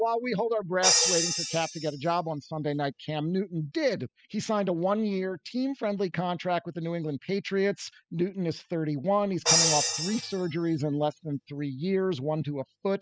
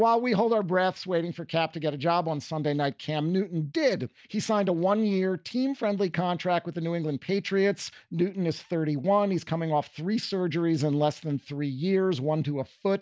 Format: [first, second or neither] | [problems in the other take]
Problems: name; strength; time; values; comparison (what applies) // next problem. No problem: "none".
second | noise reduction (classical method spectral subtraction)